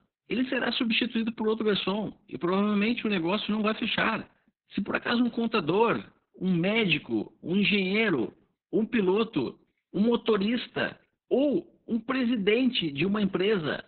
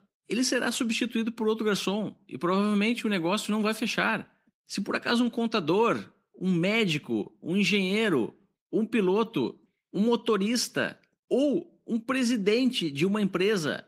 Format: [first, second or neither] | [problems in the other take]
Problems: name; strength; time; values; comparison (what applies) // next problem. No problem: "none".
second | garbled, watery; badly; nothing above 4 kHz; slightly in the second